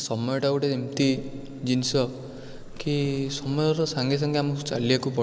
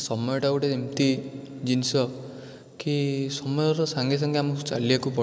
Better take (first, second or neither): second